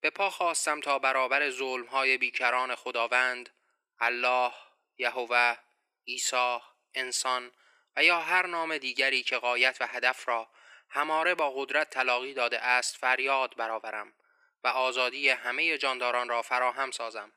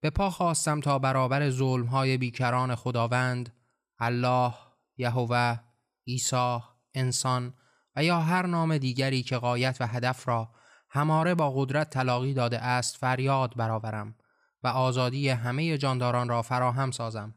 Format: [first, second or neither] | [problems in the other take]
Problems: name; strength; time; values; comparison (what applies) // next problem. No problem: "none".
second | thin; very; fading below 350 Hz